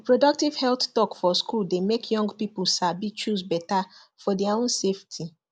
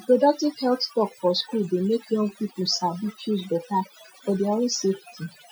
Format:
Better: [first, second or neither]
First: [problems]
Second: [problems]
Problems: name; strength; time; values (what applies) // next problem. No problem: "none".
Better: first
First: none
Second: noise reduction (classical method Wiener filter)